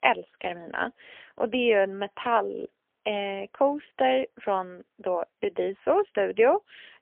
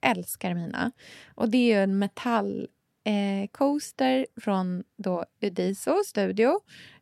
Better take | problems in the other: second | phone-call audio; poor line; nothing above 3 kHz

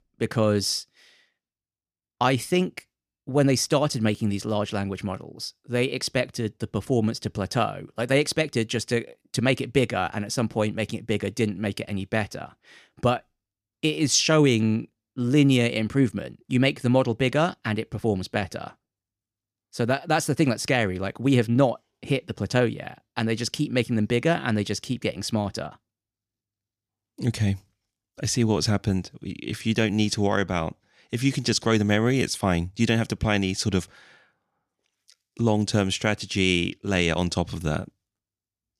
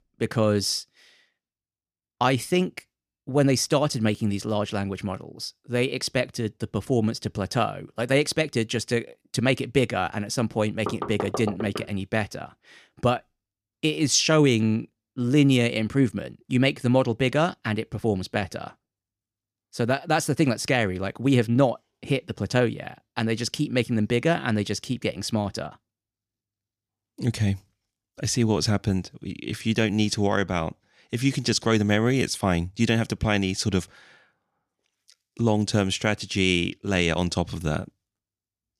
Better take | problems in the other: first | door banging; noticeable; at 11 s; peak 7 dB below the speech

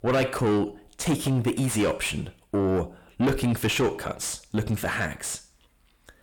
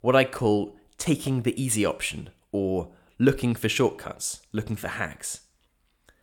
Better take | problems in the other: second | distortion; heavy; 6 dB below the speech

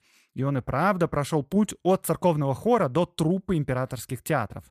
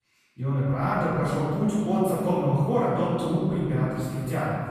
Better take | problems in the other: first | off-mic speech; far // room echo; strong; dies away in 2.4 s

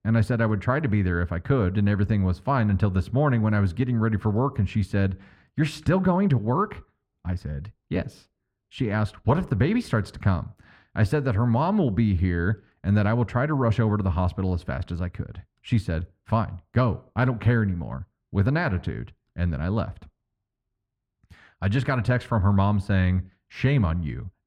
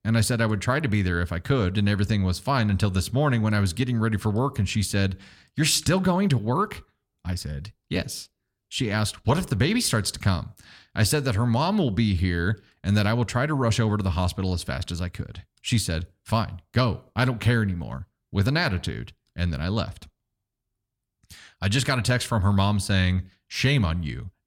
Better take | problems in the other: second | muffled; very; fading above 3 kHz

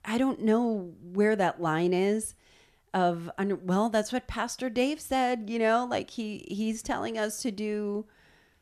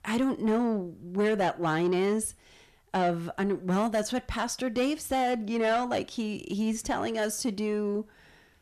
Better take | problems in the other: first | distortion; slight; 10 dB below the speech

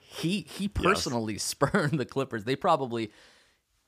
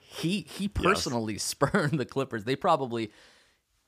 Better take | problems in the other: neither | none

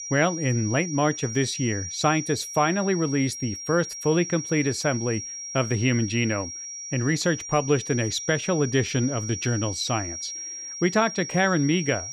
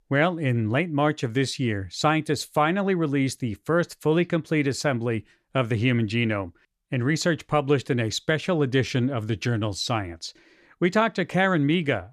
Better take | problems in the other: second | high-pitched whine; loud; throughout; 5.5 kHz, 8 dB below the speech

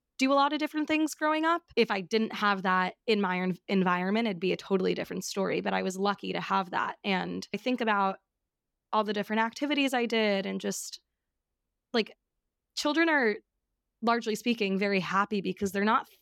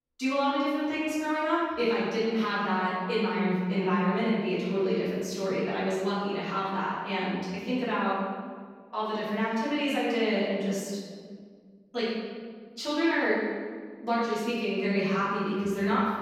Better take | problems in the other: first | off-mic speech; far // room echo; strong; dies away in 1.7 s

